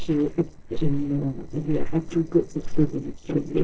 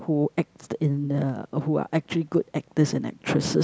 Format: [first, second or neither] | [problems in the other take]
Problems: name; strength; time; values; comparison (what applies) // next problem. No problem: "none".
second | noise reduction (neural separator model SepFormer DNS4)